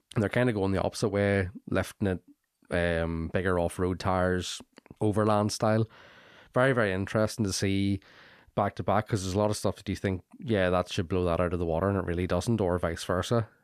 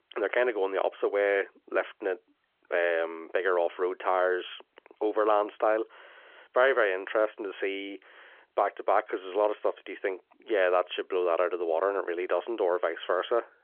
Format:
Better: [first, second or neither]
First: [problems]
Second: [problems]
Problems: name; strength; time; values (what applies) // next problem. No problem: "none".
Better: first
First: none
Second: phone-call audio; nothing above 3.5 kHz